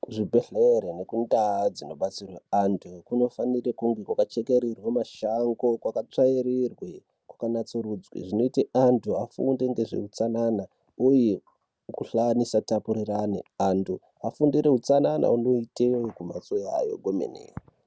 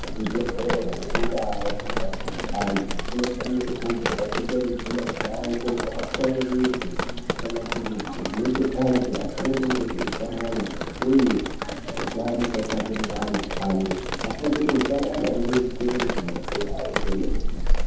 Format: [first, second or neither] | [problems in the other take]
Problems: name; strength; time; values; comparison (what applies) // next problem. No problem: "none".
first | background sound (Drip); 1 dB below the speech // room echo; dies away in 0.8 s